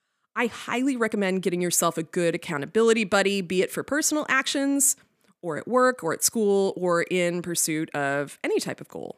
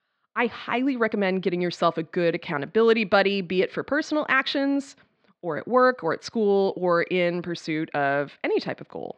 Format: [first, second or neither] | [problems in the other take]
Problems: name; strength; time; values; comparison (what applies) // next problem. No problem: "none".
first | muffled; slightly; fading above 4.5 kHz